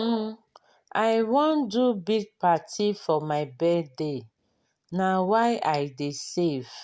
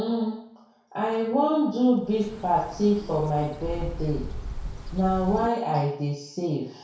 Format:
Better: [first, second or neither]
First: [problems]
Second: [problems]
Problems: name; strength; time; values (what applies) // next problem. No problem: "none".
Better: first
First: none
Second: background sound (Bird); 9 dB below the speech // room echo; dies away in 0.6 s